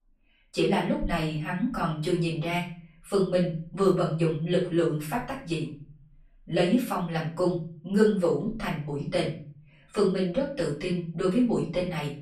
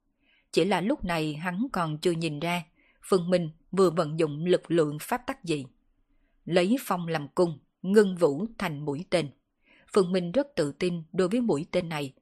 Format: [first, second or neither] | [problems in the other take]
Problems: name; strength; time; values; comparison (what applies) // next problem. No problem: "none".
second | off-mic speech; far // room echo; slight; dies away in 0.4 s